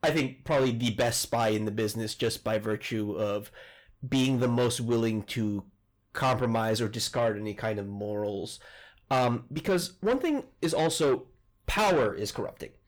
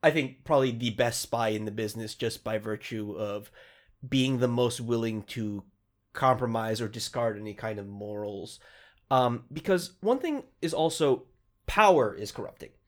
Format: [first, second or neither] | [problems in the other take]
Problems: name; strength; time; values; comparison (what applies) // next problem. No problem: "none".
second | distortion; heavy; 7 dB below the speech